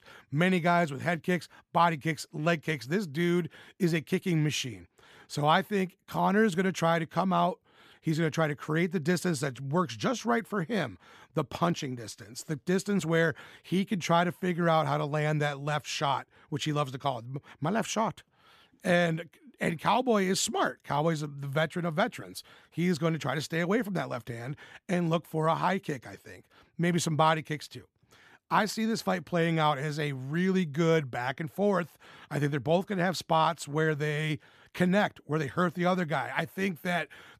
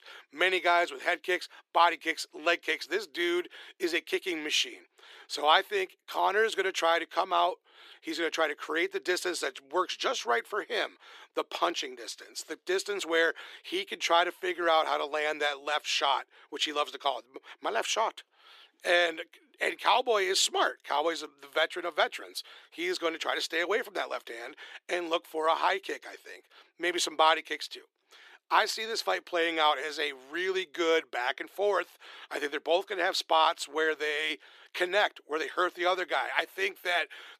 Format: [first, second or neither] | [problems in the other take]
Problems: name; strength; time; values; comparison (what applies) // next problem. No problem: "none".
first | thin; very; fading below 350 Hz